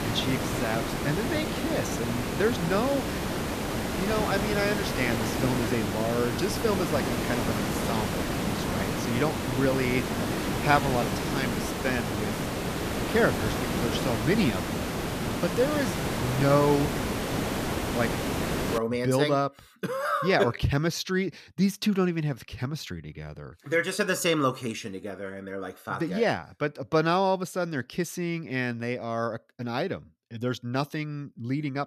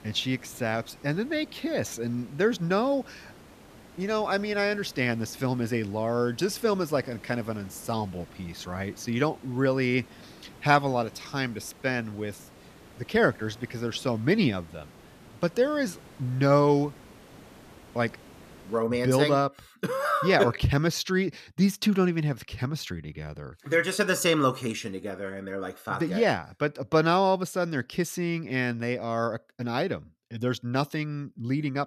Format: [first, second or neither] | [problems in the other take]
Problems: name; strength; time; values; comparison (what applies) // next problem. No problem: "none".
second | hiss; loud; until 19 s; 1 dB below the speech; faint in the second